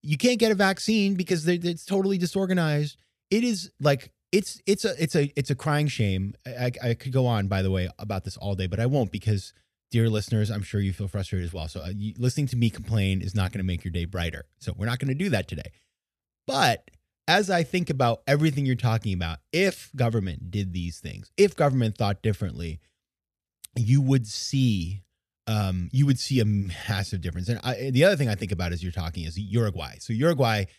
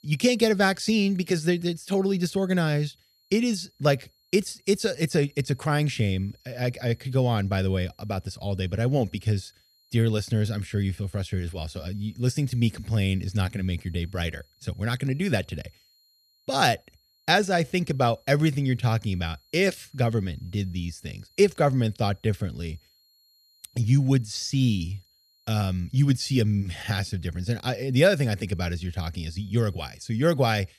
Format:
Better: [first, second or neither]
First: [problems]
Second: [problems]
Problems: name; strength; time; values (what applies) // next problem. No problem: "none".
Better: first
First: none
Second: high-pitched whine; faint; throughout; 4.5 kHz, 35 dB below the speech